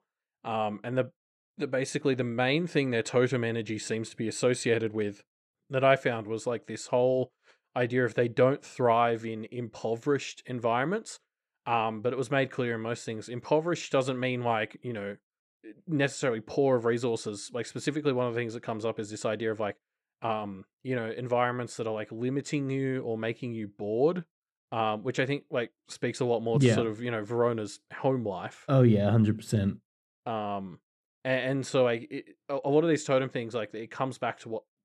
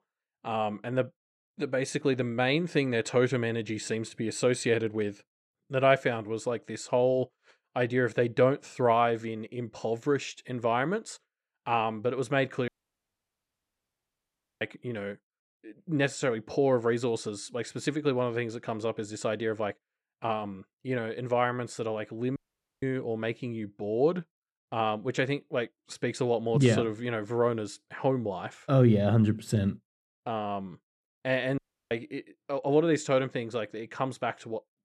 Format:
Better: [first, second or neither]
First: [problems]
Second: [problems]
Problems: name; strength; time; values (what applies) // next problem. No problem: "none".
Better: first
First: none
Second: audio cutting out; at 13 s for 2 s, at 22 s and at 32 s